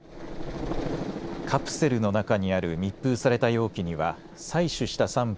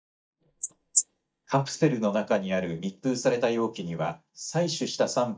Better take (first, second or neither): first